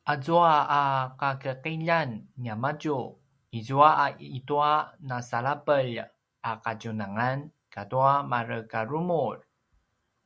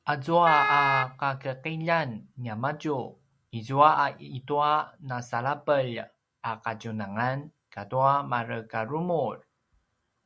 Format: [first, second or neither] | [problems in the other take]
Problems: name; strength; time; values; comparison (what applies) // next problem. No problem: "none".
first | background sound (Wind instrument, woodwind instrument); 1 dB below the speech